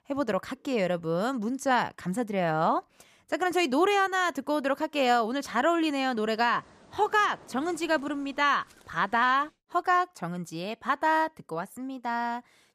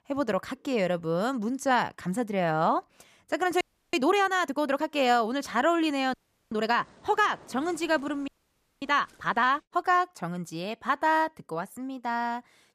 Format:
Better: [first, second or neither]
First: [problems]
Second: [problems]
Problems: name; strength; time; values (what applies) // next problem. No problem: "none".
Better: first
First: none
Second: audio freezing; at 3.5 s, at 6 s and at 8.5 s for 0.5 s